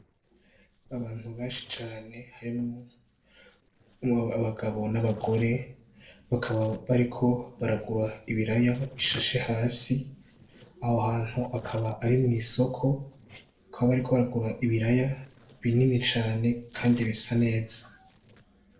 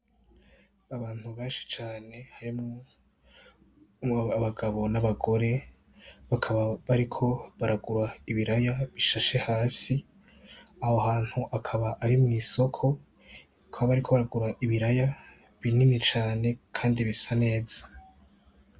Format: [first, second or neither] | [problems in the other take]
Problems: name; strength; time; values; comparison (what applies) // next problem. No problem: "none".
second | noise reduction (neural separator model SepFormer DNS4)